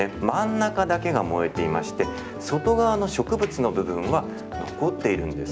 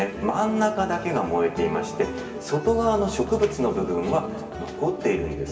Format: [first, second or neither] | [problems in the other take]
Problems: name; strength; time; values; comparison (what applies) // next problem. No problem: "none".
first | room echo; dies away in 2.5 s